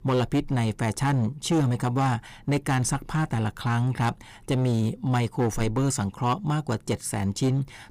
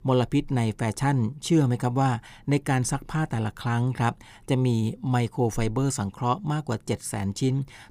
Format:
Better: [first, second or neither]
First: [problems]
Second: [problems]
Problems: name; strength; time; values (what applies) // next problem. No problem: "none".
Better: second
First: distortion; slight; 10% of the sound clipped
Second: none